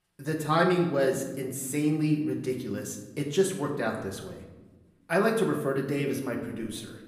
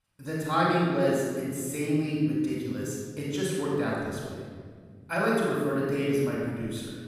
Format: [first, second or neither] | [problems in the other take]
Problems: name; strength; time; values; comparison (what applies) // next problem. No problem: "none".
first | room echo; strong; dies away in 1.8 s; slight in the first // off-mic speech; far; somewhat distant in the first